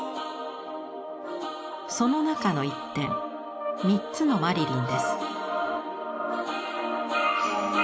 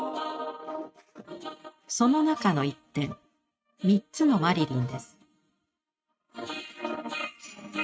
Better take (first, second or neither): first